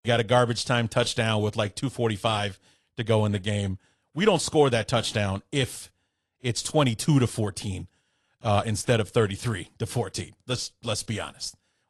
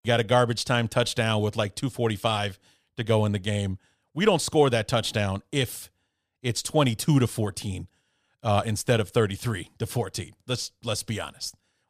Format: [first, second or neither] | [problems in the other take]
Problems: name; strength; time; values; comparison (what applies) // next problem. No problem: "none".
second | garbled, watery; slightly; nothing above 11 kHz